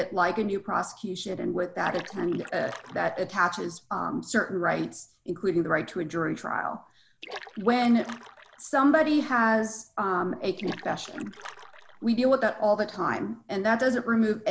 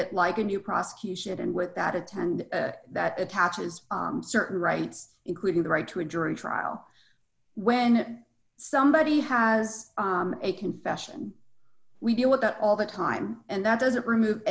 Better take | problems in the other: second | background sound (Splash, splatter); 17 dB below the speech

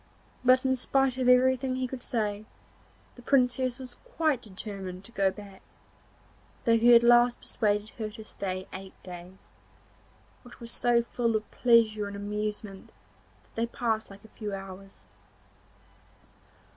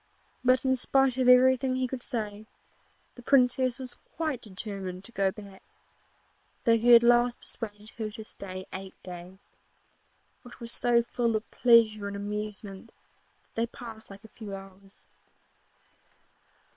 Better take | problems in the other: first | noise reduction (neural separator model SepFormer WHAM!)

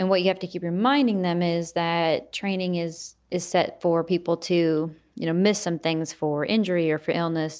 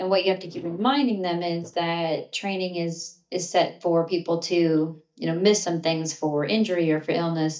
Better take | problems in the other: first | noise reduction (neural mask model DeepFilterNet 3)

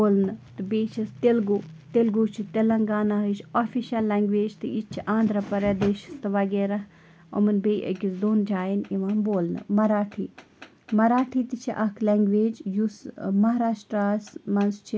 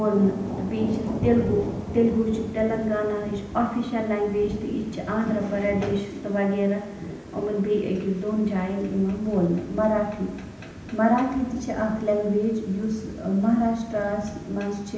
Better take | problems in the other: first | background sound (Thunder / Rain); 11 dB below the speech // room echo; dies away in 0.9 s

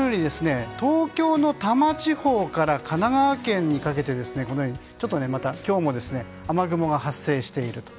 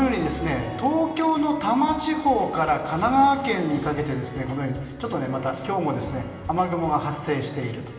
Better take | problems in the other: first | room echo; dies away in 2.4 s

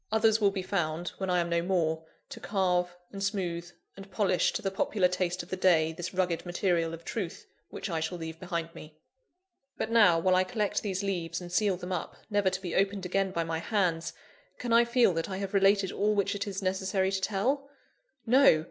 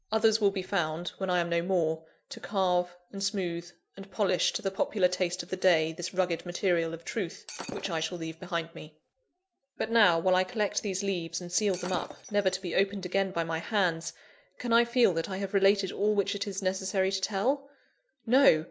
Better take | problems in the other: first | background sound (Shatter); 16 dB below the speech

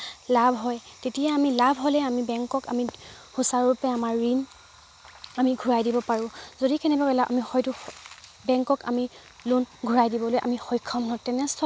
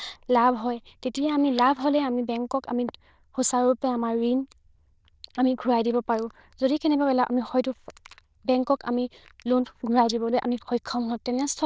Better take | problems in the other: first | noise reduction (neural diffusion model UNIVERSE++)

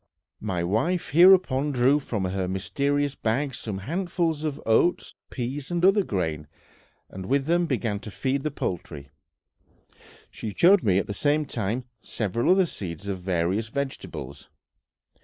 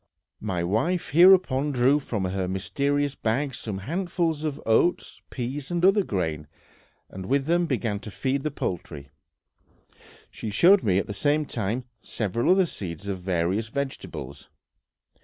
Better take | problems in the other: second | noise reduction (neural mask model Resemble Enhance denoiser)

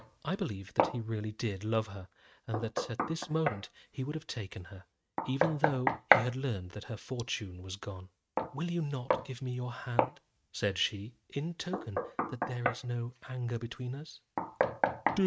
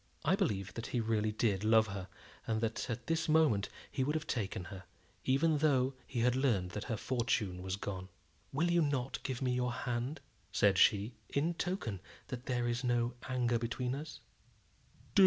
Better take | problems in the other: second | noise reduction (neural mask model RNNoise)

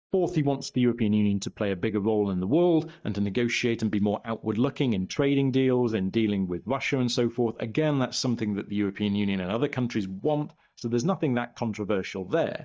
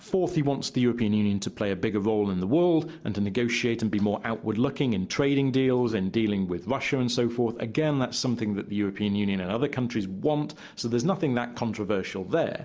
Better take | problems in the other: second | noise reduction (neural mask model DeepFilterNet 3)

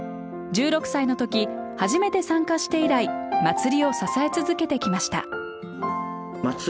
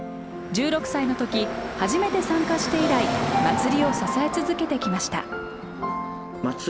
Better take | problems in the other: first | background sound (Car passing by / Traffic noise, roadway noise); 6 dB below the speech

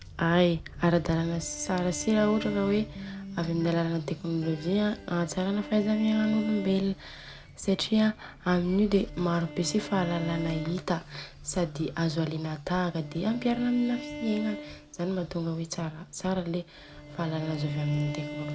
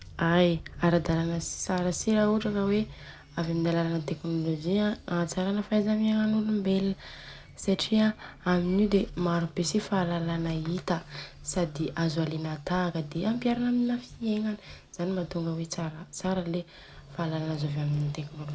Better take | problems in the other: second | background sound (Bowed string instrument + Electric guitar); 15 dB below the speech

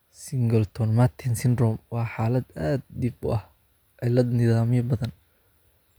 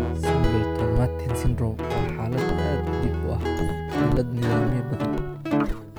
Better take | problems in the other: first | background sound (Guitar); 4 dB above the speech

